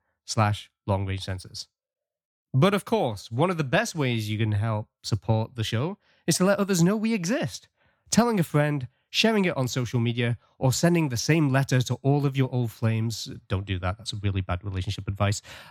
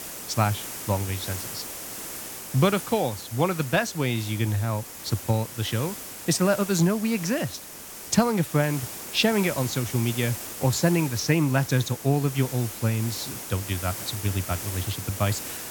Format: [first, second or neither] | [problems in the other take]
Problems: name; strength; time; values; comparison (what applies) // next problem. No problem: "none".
first | hiss; loud; throughout; 9 dB below the speech